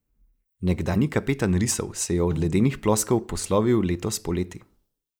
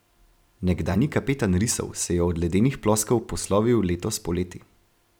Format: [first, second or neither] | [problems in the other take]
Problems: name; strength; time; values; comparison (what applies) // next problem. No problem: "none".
second | noise reduction (neural mask model Resemble Enhance denoiser)